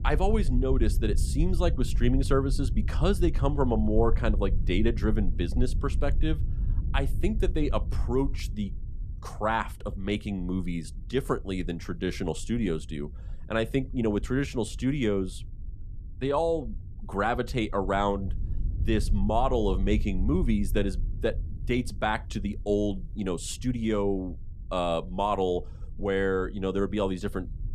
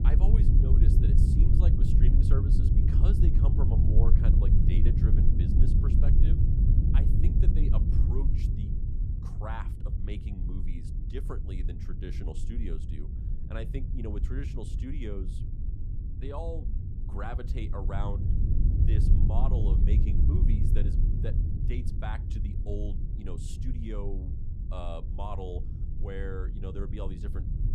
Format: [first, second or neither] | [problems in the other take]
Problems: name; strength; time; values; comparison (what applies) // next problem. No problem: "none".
first | low rumble; loud; throughout; as loud as the speech; faint in the first